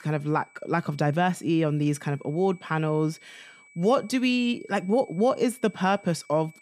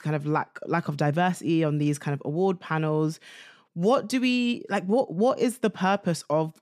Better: second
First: high-pitched whine; faint; throughout; 2.5 kHz, 25 dB below the speech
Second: none

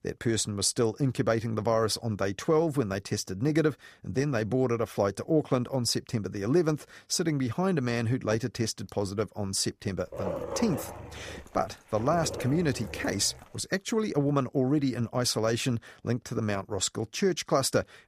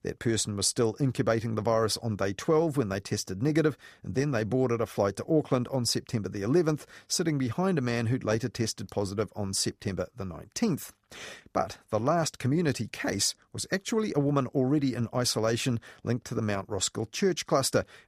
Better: second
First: dog barking; noticeable; from 10 to 13 s; peak 5 dB below the speech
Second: none

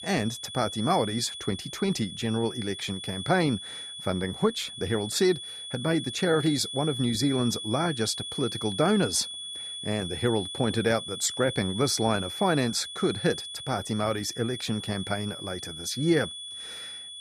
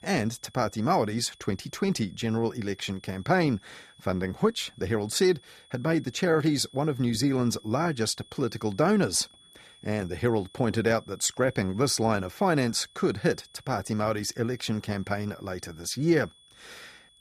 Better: second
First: high-pitched whine; loud; throughout; 3.5 kHz, 7 dB below the speech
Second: high-pitched whine; faint; throughout; 3.5 kHz, 25 dB below the speech

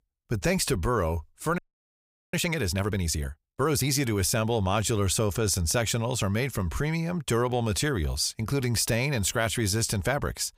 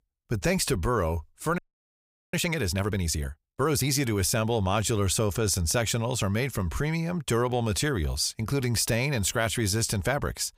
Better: neither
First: audio freezing; at 1.5 s for 1 s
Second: audio freezing; at 1.5 s for 1 s

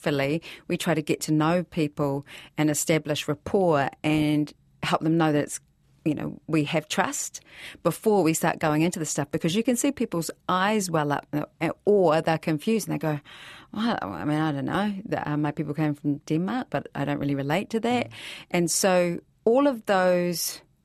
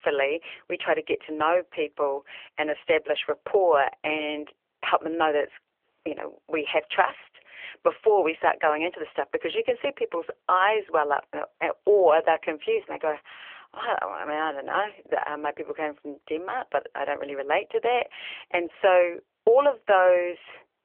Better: first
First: none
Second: phone-call audio; nothing above 3.5 kHz

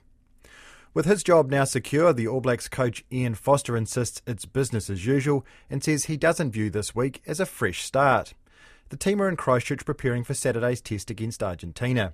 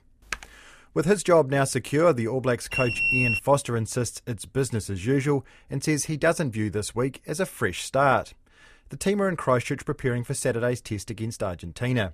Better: first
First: none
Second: keyboard typing; faint; at 0.5 s; peak 10 dB below the speech // alarm; loud; at 2.5 s; peak 4 dB above the speech

